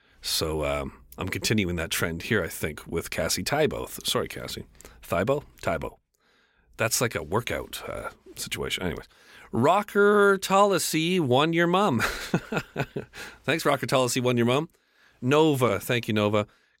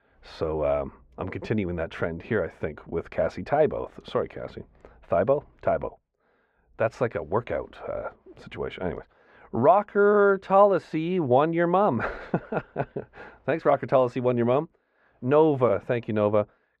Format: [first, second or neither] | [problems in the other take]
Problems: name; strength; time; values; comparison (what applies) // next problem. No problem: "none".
first | muffled; very; fading above 1.5 kHz